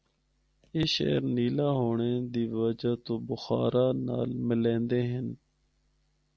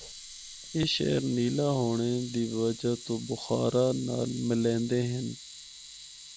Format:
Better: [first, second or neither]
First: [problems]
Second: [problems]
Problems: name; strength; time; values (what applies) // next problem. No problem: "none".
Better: first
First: none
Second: background sound (Camera); 15 dB below the speech